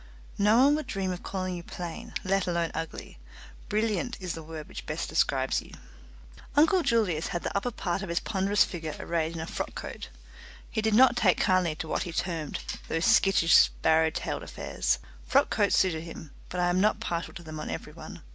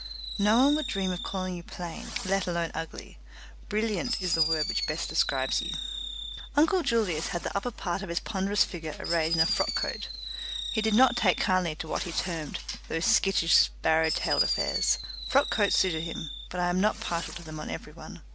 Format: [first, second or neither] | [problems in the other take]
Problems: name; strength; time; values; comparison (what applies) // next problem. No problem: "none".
first | background sound (Fireworks); 7 dB below the speech